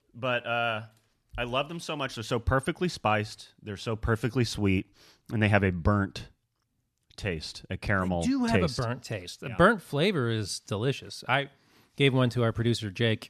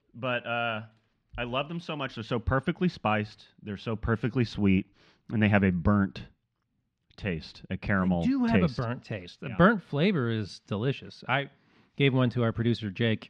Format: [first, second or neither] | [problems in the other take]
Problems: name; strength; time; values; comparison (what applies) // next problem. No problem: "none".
first | muffled; very slightly; fading above 3 kHz